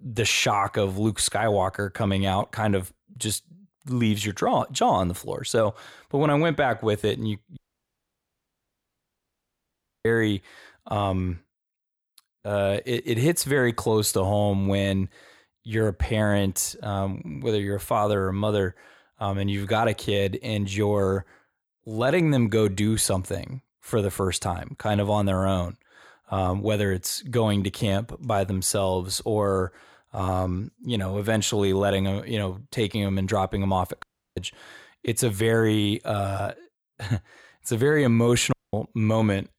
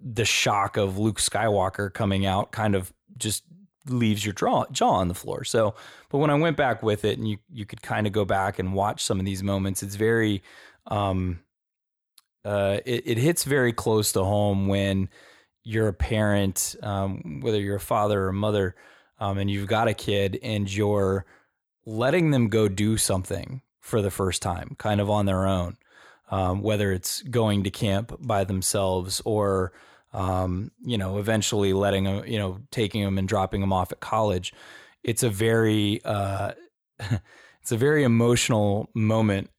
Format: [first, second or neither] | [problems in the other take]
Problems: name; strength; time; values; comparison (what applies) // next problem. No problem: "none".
second | audio cutting out; at 7.5 s for 2.5 s, at 34 s and at 39 s